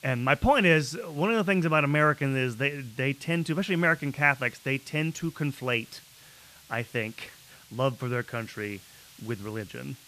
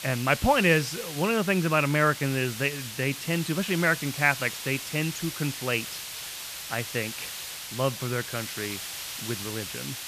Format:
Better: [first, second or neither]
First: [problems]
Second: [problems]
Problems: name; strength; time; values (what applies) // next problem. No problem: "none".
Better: first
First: hiss; faint; throughout; 25 dB below the speech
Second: hiss; loud; throughout; 8 dB below the speech